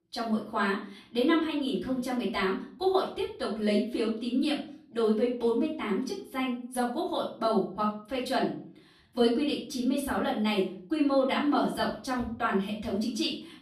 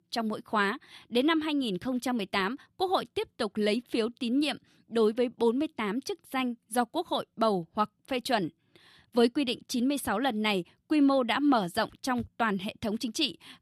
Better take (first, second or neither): second